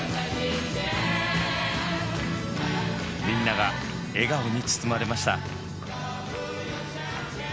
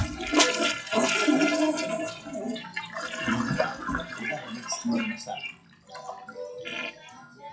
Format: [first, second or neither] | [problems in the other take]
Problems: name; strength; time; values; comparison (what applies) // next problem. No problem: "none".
first | noise reduction (classical method WPE with log-MMSE)